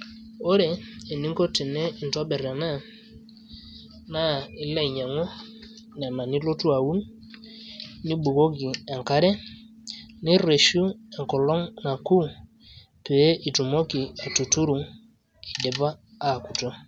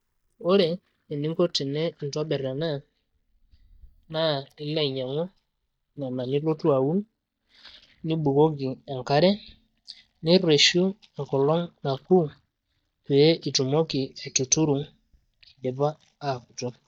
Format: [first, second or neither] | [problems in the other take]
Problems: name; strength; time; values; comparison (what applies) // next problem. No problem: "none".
first | noise reduction (neural mask model DeepFilterNet 3)